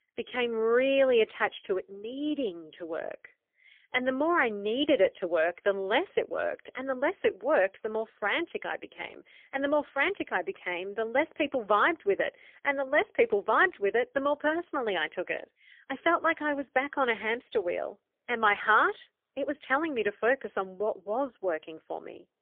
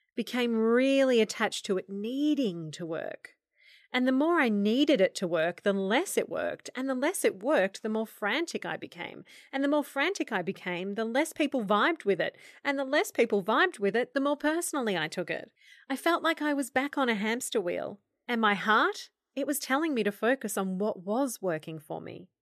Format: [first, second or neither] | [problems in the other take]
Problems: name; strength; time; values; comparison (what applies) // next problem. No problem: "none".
second | phone-call audio; poor line; nothing above 3.5 kHz